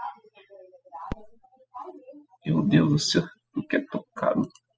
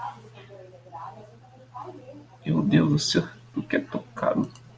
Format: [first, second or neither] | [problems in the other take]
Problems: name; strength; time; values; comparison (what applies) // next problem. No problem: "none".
second | noise reduction (classical method spectral subtraction)